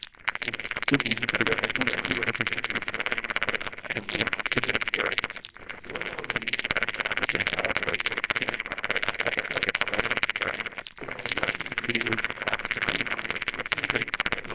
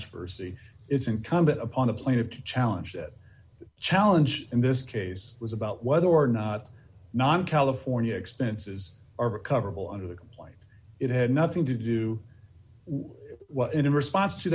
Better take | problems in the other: second | noise reduction (neural separator model SepFormer WHAMR!)

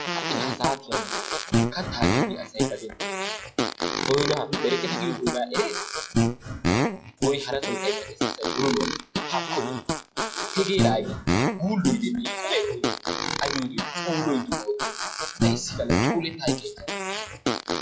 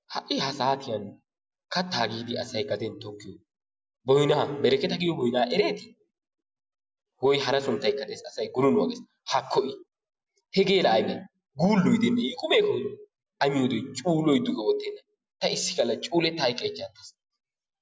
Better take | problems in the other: second | noise reduction (classical method log-MMSE)

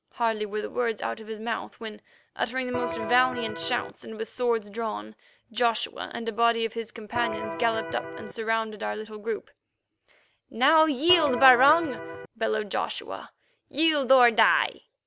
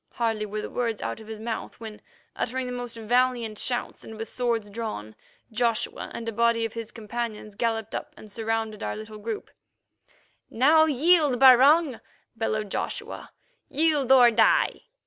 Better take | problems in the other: second | background sound (Electric guitar); 7 dB below the speech

